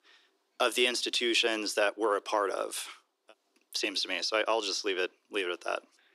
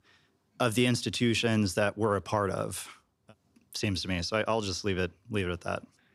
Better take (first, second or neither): second